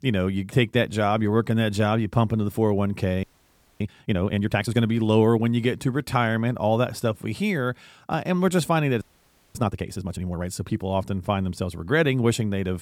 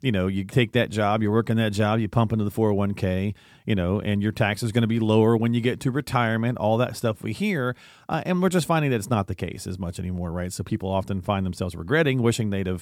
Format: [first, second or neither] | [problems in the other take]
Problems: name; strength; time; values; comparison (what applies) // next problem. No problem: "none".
second | audio freezing; at 3 s for 0.5 s and at 9 s for 0.5 s